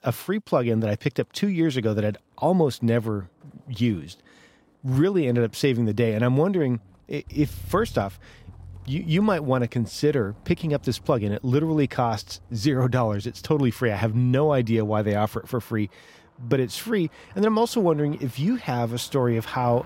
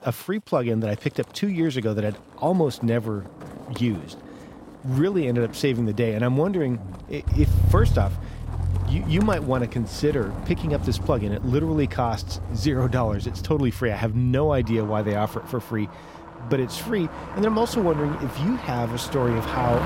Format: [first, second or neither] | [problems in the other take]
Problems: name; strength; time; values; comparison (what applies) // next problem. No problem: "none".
first | traffic noise; loud; throughout; 5 dB below the speech; faint in the first